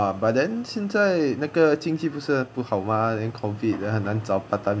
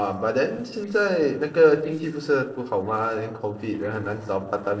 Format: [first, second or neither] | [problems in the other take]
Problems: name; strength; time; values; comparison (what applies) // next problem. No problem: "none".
first | noise reduction (neural separator model SepFormer DNS4)